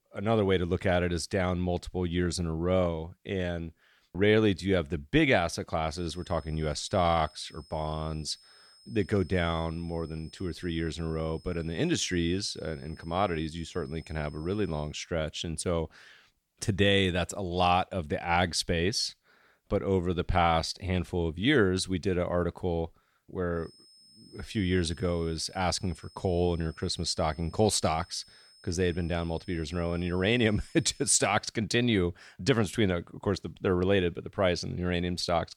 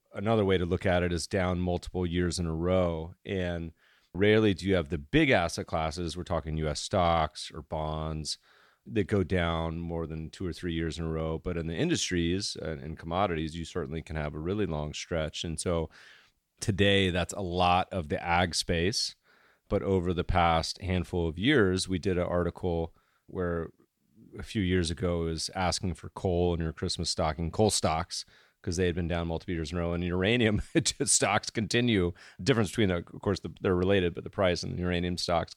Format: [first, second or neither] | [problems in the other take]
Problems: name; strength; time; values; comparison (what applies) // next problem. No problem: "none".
second | high-pitched whine; faint; from 6 to 15 s and from 24 to 31 s; 5 kHz, 25 dB below the speech